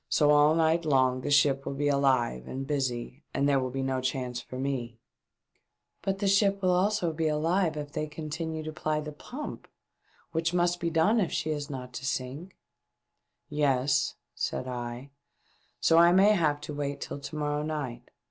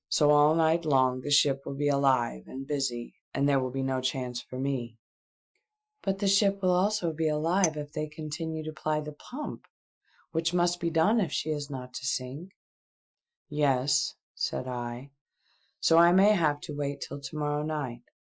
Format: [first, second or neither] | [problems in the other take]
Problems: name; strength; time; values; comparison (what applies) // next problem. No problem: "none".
first | noise reduction (classical method Wiener filter)